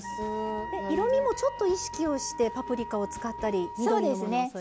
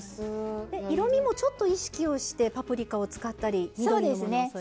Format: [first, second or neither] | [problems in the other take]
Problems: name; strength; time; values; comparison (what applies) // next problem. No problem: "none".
second | background sound (Wind instrument, woodwind instrument); 10 dB below the speech